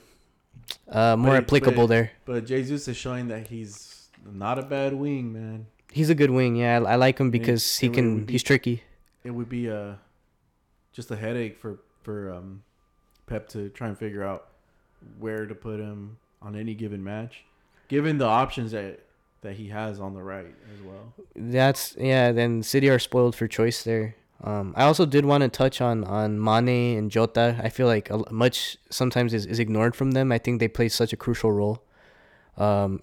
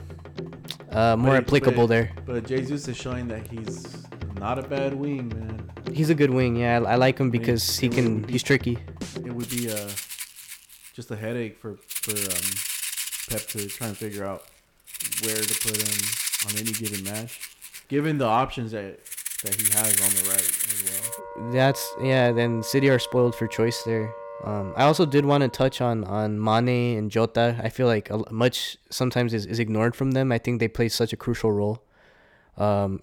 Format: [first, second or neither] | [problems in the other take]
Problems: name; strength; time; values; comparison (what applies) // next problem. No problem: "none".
first | background music; loud; until 26 s; 4 dB below the speech